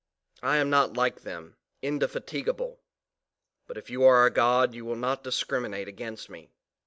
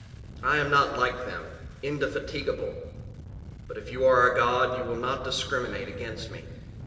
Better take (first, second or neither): first